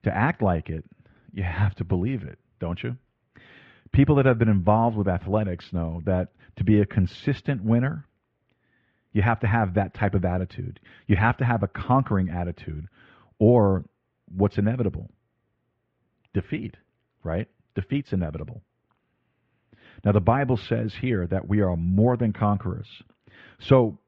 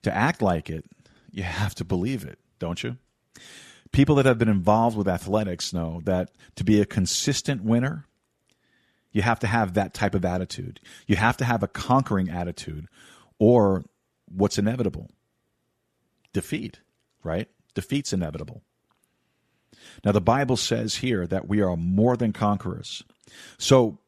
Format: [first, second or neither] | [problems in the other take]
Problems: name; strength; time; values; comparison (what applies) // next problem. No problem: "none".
second | muffled; very; fading above 2.5 kHz